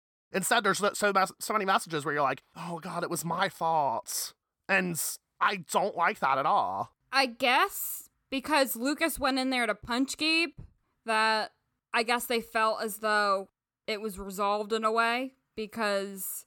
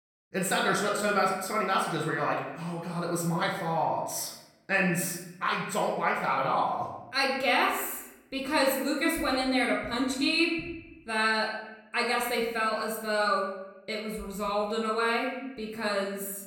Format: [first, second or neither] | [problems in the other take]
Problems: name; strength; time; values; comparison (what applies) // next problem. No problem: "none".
first | room echo; noticeable; dies away in 0.9 s // off-mic speech; far